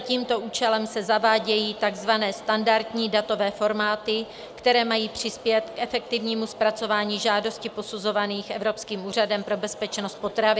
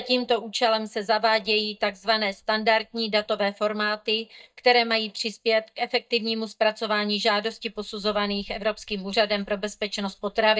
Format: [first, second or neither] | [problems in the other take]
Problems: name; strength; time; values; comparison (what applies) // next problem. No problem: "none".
first | noise reduction (neural mask model DeepFilterNet 3)